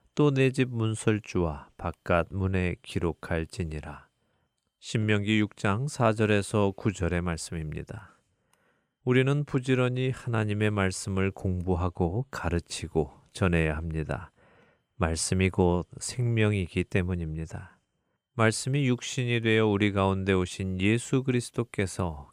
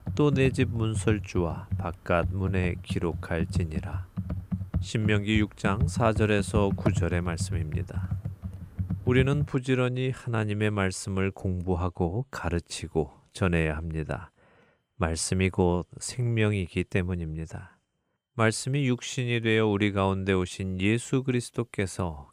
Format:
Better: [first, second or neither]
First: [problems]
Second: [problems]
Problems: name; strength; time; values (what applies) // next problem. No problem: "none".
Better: first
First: none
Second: keyboard typing; noticeable; until 9.5 s; peak 1 dB below the speech